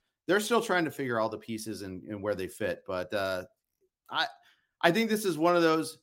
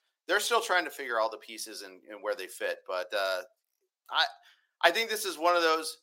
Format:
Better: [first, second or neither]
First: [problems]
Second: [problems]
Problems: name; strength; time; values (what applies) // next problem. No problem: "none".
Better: first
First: none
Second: thin; very; fading below 550 Hz